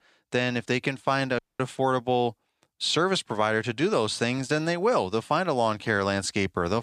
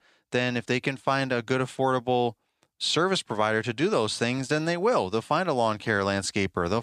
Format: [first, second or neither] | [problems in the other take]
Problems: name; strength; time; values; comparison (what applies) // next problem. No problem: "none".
second | audio cutting out; at 1.5 s